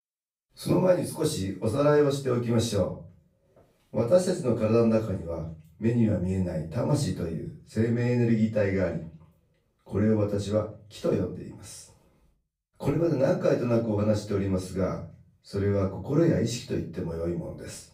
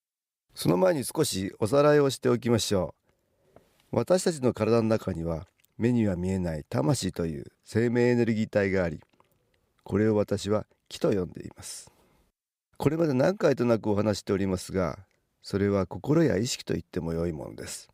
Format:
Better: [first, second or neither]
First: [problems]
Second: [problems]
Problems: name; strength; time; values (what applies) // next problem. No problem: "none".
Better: second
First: off-mic speech; far // room echo; slight; dies away in 0.4 s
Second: none